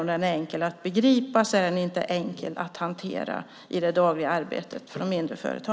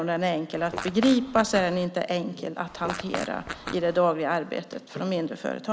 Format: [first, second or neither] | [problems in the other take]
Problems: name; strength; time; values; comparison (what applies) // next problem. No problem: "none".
first | background sound (Fart); 10 dB below the speech